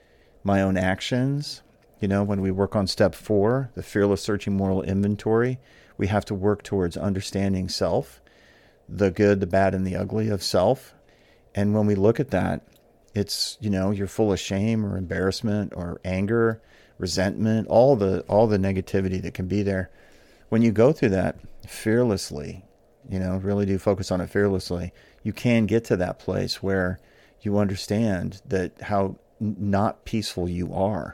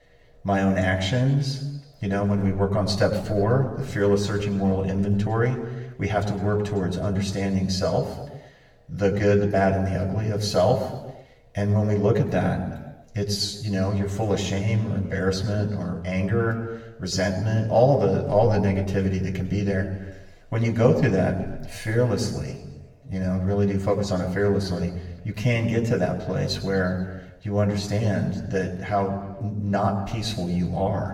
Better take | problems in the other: first | room echo; slight; dies away in 1.2 s // off-mic speech; somewhat distant

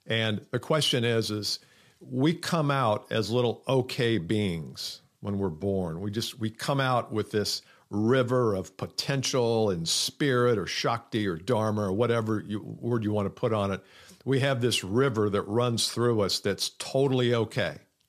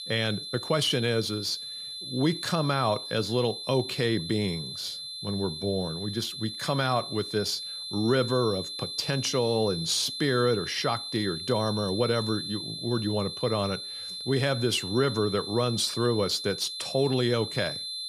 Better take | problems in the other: first | high-pitched whine; loud; throughout; 4 kHz, 6 dB below the speech

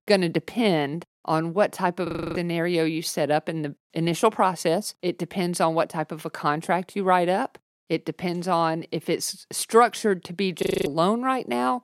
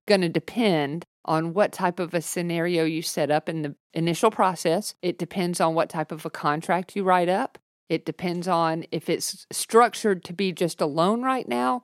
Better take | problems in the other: second | audio freezing; at 2 s and at 11 s

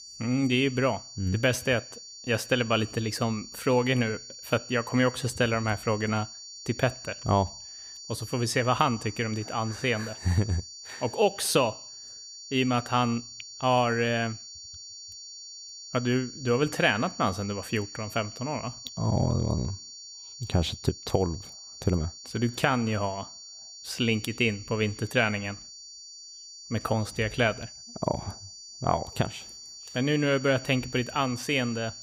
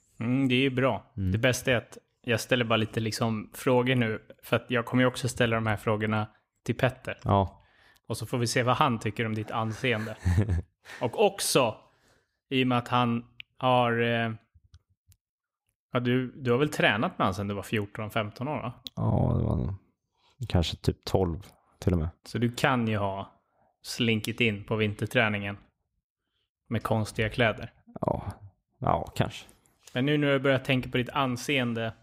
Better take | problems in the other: second | high-pitched whine; noticeable; throughout; 4.5 kHz, 15 dB below the speech

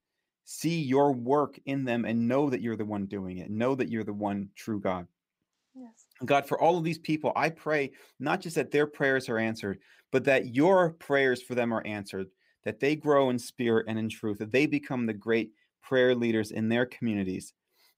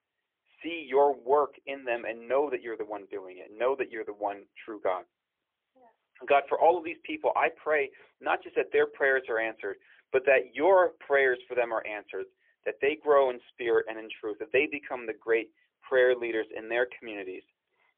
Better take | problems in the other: first | phone-call audio; poor line; nothing above 3.5 kHz

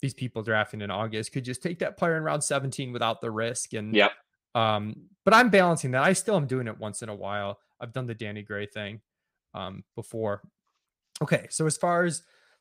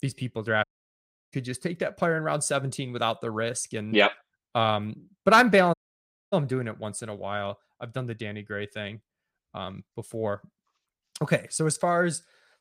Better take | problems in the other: first | audio cutting out; at 0.5 s for 0.5 s and at 5.5 s for 0.5 s

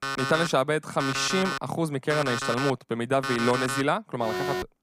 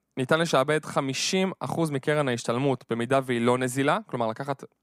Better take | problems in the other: second | alarms or sirens; loud; throughout; 4 dB below the speech

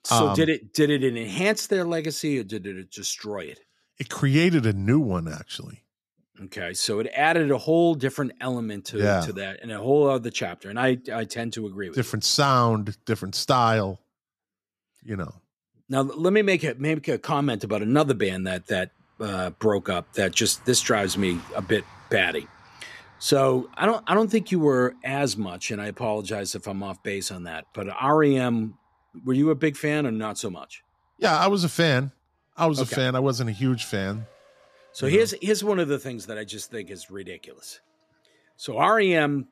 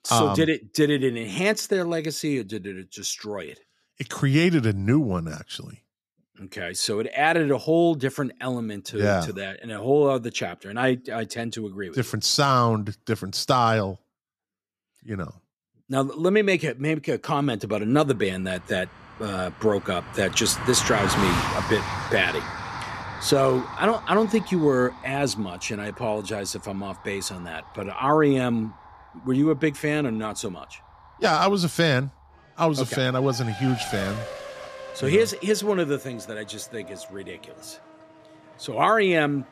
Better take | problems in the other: first | traffic noise; loud; from 18 s on; 9 dB below the speech; faint in the first

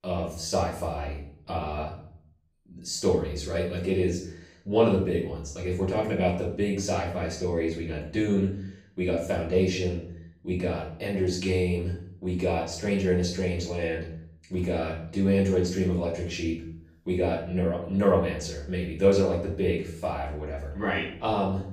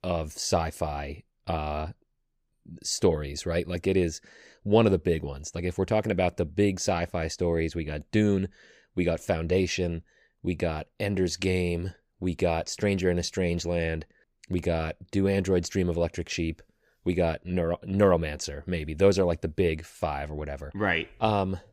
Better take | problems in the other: second | off-mic speech; far // room echo; noticeable; dies away in 0.5 s

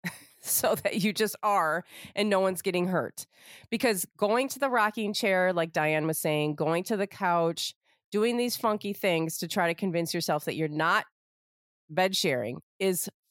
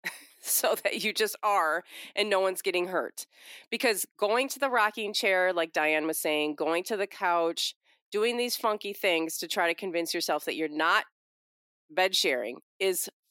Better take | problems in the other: first | thin; somewhat; fading below 300 Hz

